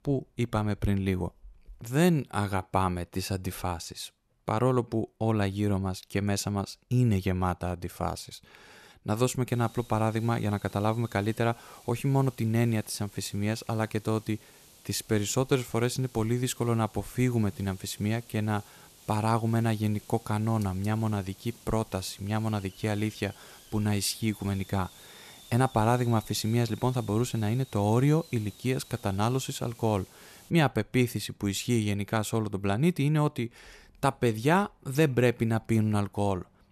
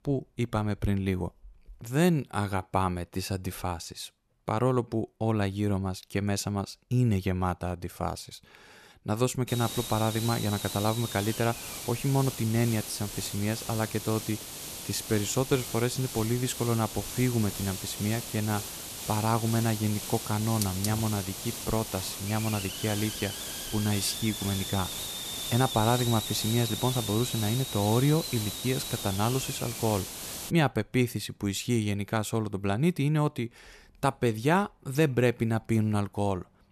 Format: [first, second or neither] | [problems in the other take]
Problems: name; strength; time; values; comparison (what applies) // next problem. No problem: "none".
first | hiss; loud; from 9.5 to 31 s; 6 dB below the speech; faint in the first